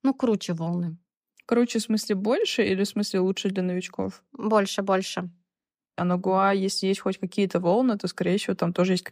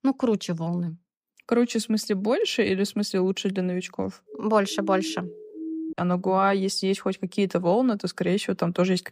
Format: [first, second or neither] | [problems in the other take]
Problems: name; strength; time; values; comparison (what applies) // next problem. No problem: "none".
first | siren; noticeable; from 4.5 to 6 s; peak 7 dB below the speech